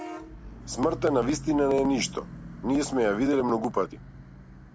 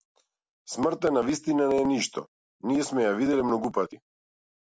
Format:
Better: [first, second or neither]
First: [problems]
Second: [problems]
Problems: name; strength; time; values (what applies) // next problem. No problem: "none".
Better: second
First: background sound (Bus / Vehicle horn, car horn, honking); 13 dB below the speech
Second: none